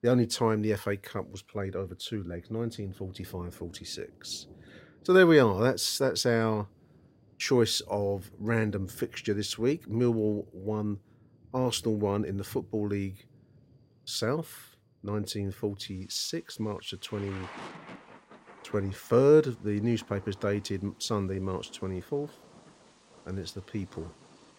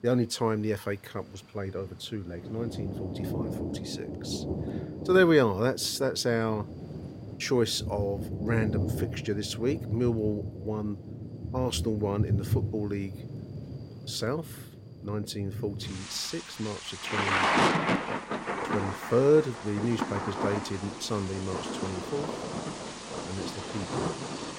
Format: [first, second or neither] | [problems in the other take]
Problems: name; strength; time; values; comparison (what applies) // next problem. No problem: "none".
first | rain or running water; loud; throughout; 3 dB below the speech; faint in the first